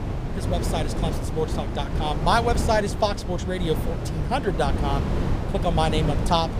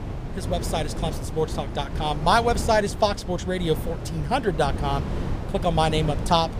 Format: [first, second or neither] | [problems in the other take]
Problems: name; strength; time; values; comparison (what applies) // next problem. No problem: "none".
second | wind noise on the microphone; heavy; 8 dB below the speech; occasional gusts in the second